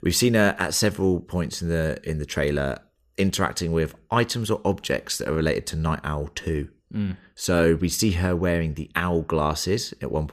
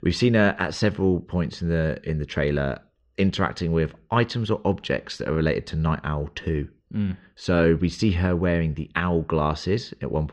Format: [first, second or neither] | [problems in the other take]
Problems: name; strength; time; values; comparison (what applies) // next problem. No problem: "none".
first | muffled; very slightly; fading above 4 kHz